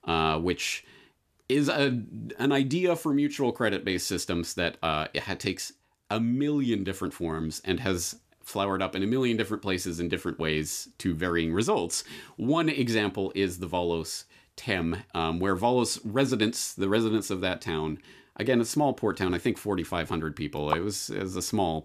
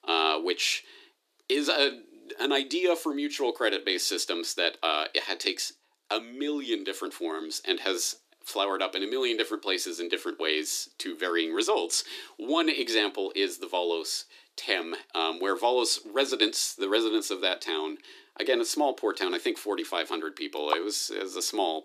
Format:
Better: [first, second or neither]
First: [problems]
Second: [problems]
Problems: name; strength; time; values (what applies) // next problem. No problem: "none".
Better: first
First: none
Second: thin; somewhat; fading below 300 Hz